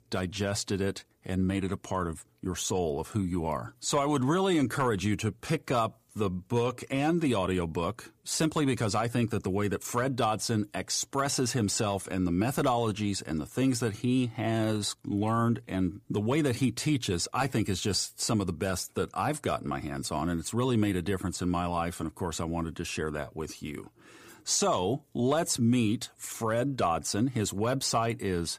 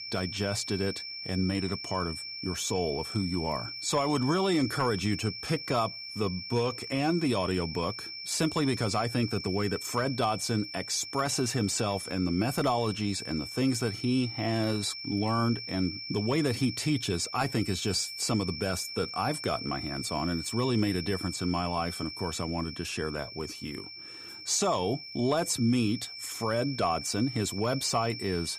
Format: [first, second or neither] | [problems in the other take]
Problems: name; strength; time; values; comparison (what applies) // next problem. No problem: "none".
first | high-pitched whine; loud; throughout; 5.5 kHz, 8 dB below the speech